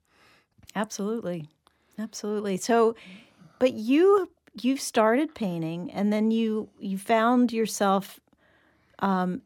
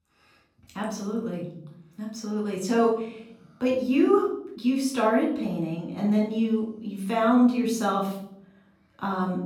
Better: first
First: none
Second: off-mic speech; far // room echo; noticeable; dies away in 0.7 s

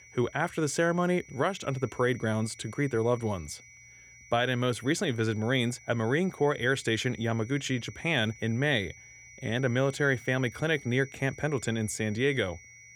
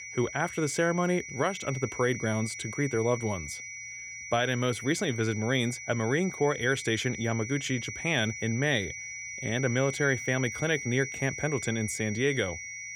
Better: first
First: high-pitched whine; faint; throughout; 2 kHz, 20 dB below the speech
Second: high-pitched whine; loud; throughout; 2 kHz, 8 dB below the speech

